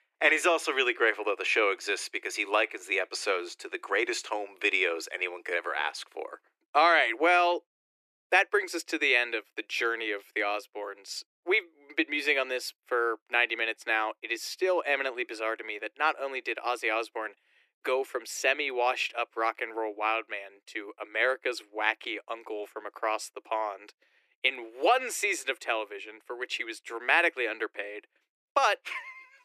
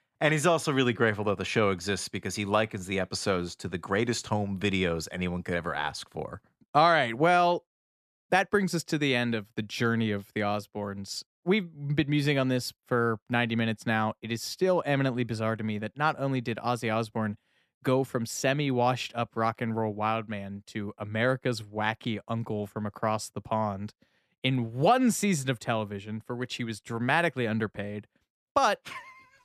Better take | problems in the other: second | thin; very; fading below 300 Hz

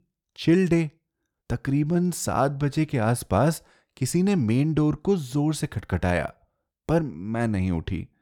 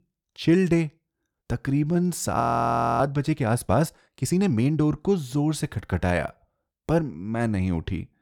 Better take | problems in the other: first | audio freezing; at 2.5 s for 0.5 s

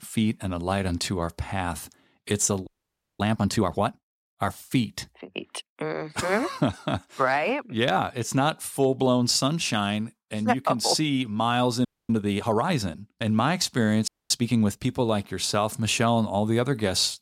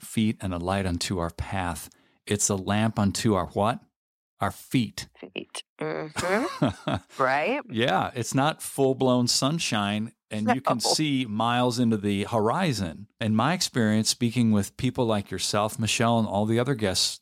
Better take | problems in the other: second | audio freezing; at 2.5 s for 0.5 s, at 12 s and at 14 s

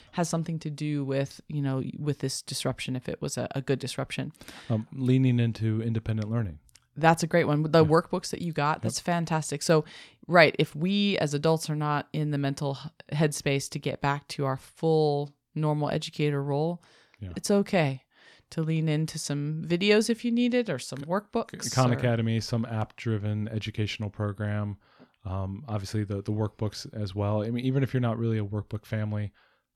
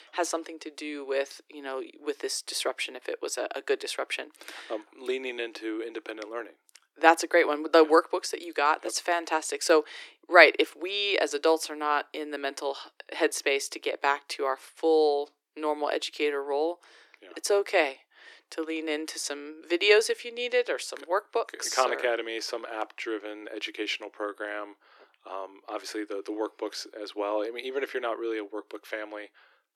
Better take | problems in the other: first | thin; very; fading below 300 Hz

